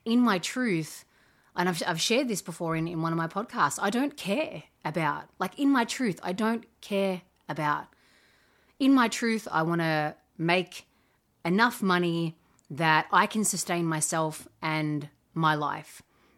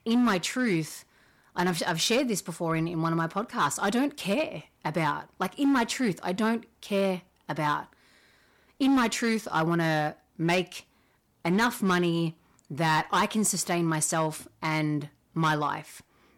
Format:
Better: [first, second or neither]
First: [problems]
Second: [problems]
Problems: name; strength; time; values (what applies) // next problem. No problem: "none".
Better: first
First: none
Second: distortion; slight; 5% of the sound clipped